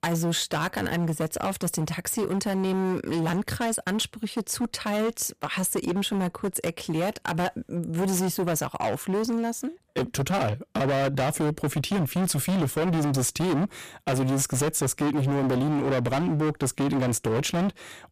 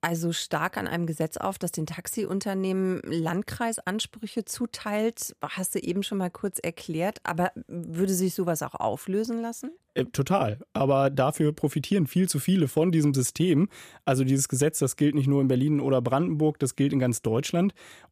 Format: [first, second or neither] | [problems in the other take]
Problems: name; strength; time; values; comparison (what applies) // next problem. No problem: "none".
second | distortion; heavy; 25% of the sound clipped